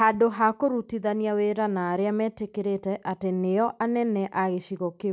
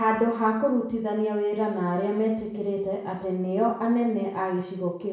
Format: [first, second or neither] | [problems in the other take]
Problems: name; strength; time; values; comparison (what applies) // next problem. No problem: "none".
first | room echo; dies away in 0.6 s